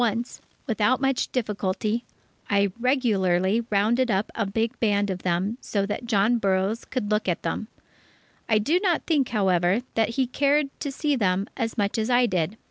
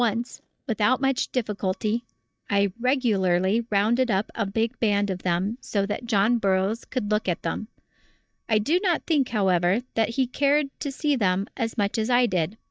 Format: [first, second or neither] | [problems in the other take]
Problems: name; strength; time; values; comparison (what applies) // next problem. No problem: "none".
first | noise reduction (neural mask model DeepFilterNet 3)